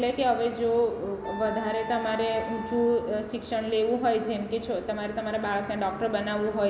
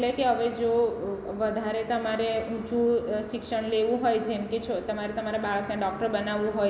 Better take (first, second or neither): second